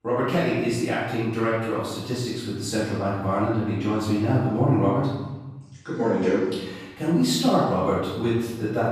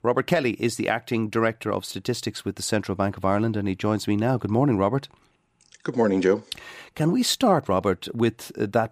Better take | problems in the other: second | room echo; strong; dies away in 1.1 s // off-mic speech; far

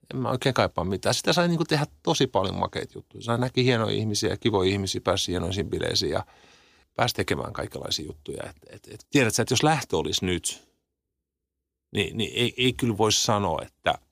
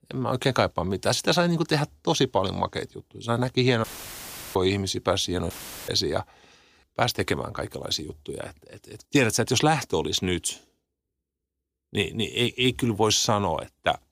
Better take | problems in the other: first | audio cutting out; filled with static; at 4 s for 0.5 s and at 5.5 s

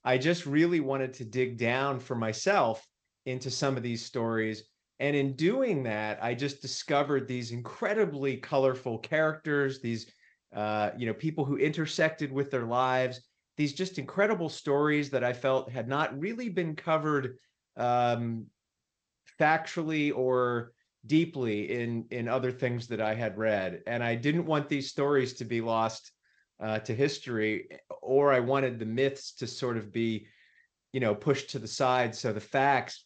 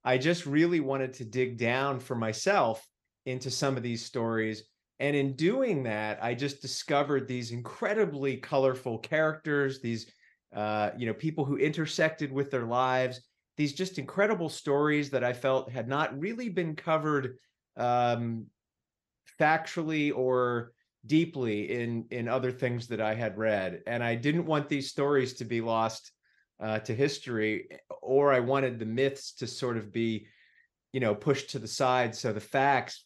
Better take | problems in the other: second | garbled, watery; slightly; nothing above 7.5 kHz

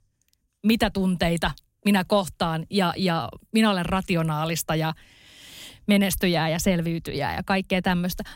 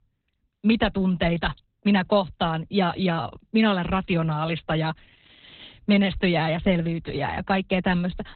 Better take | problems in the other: first | garbled, watery; badly; nothing above 4 kHz

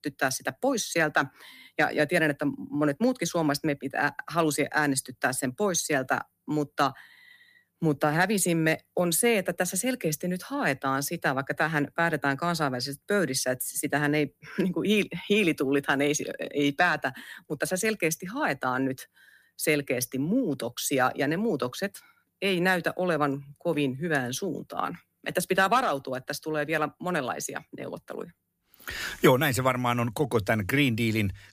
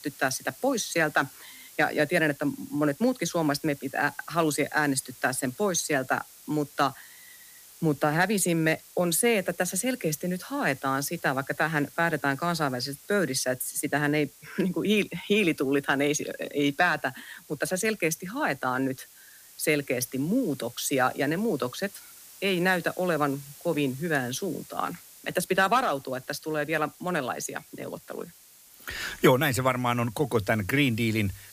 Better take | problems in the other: first | hiss; faint; throughout; 20 dB below the speech

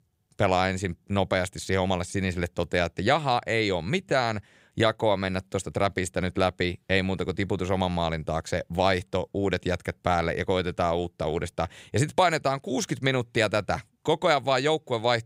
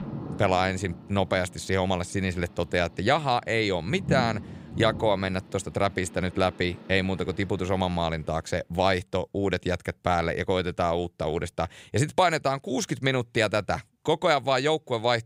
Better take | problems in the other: first | rain or running water; noticeable; until 8 s; 15 dB below the speech

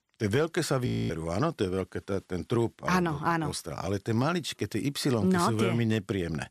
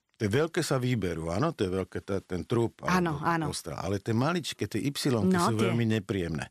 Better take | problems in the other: second | audio freezing; at 1 s

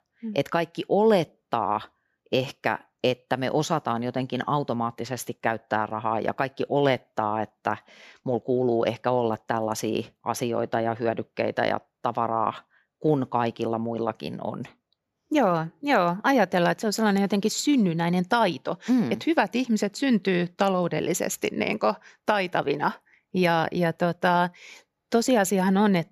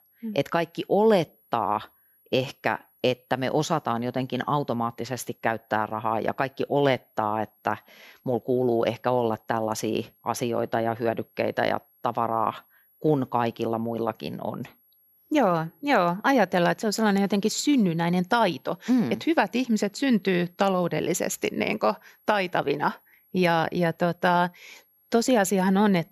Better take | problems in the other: first | high-pitched whine; faint; throughout; 11.5 kHz, 35 dB below the speech

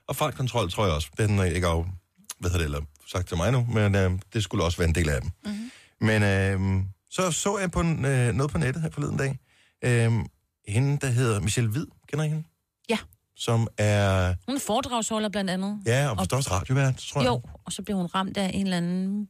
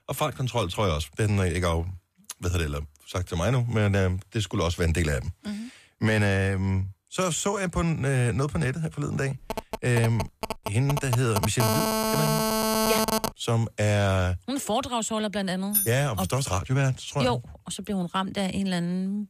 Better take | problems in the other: first | phone ringing; loud; from 9.5 to 13 s; peak 4 dB above the speech // jangling keys; loud; at 16 s; peak 2 dB above the speech

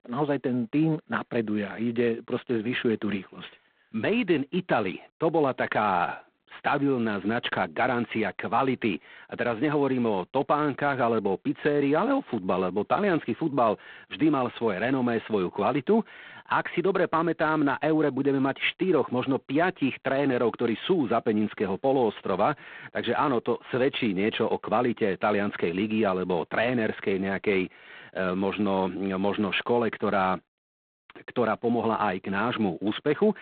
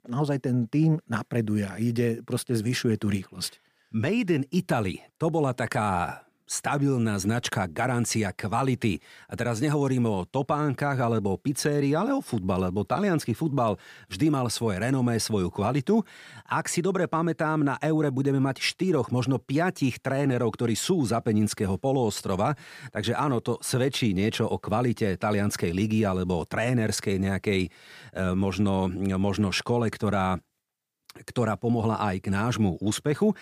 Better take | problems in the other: second | phone-call audio; poor line; nothing above 3.5 kHz

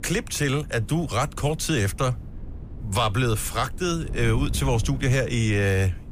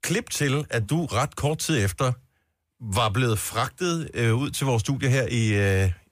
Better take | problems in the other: second | wind noise on the microphone; occasional gusts; 20 dB below the speech

